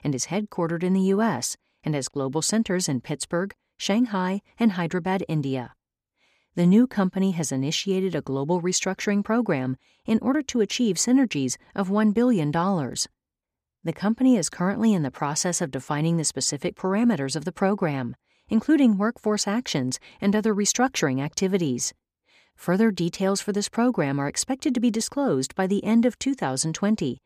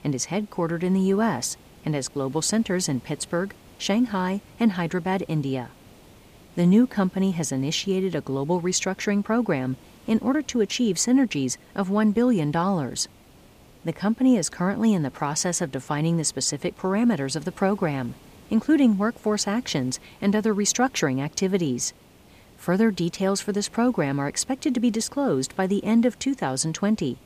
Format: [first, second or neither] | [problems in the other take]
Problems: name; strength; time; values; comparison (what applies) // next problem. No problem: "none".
first | hiss; faint; throughout; 25 dB below the speech